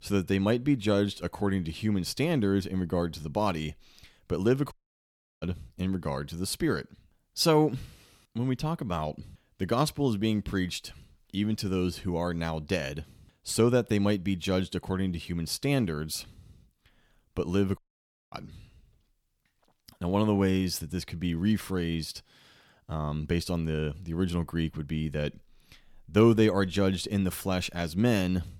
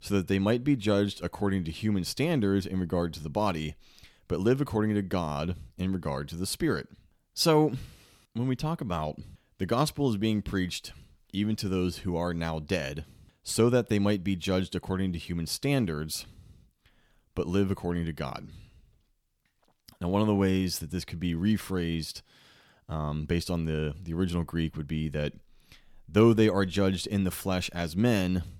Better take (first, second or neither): second